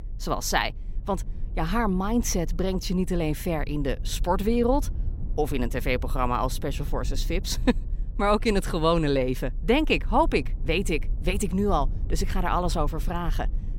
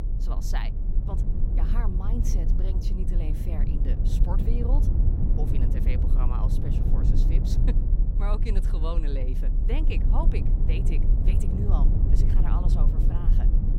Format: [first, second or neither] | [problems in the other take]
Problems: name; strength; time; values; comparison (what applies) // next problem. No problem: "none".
first | low rumble; loud; throughout; 1 dB below the speech; faint in the first